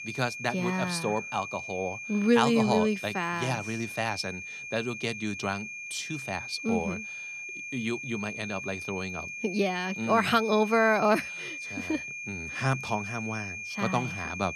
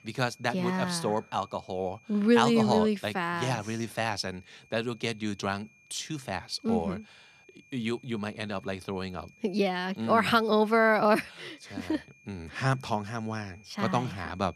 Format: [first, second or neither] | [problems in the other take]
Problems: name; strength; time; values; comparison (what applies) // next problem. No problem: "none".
second | high-pitched whine; loud; throughout; 2.5 kHz, 7 dB below the speech; faint in the second